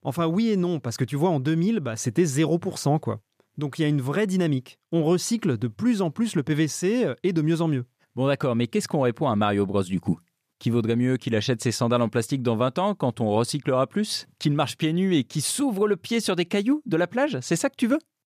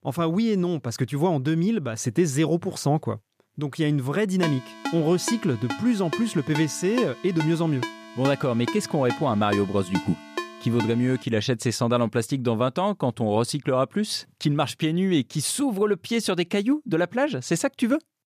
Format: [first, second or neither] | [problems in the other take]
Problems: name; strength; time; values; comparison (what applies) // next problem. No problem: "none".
first | phone ringing; noticeable; from 4.5 to 11 s; peak 7 dB below the speech